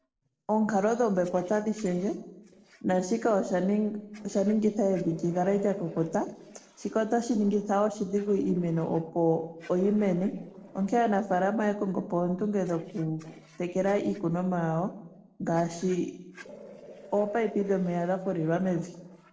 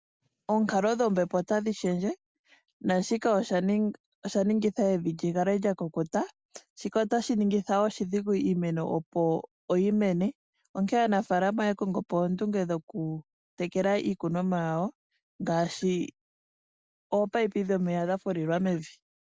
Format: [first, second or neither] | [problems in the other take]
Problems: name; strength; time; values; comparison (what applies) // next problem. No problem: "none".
second | noise reduction (neural separator model SepFormer DNS4)